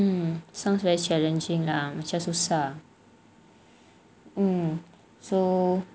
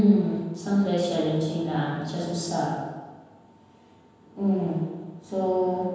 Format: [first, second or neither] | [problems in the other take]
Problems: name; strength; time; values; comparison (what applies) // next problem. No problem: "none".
first | room echo; dies away in 1.2 s